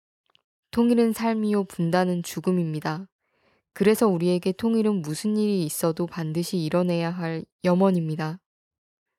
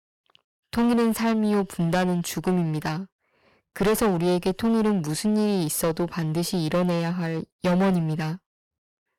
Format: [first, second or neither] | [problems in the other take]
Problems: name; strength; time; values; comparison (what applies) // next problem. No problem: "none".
first | distortion; heavy; 14% of the sound clipped